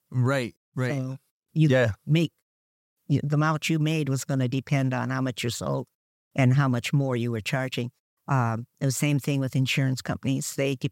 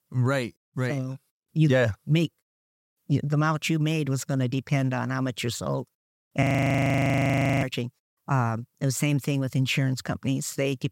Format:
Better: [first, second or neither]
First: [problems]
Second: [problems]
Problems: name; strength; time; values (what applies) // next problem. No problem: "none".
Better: first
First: none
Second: audio freezing; at 6.5 s for 1 s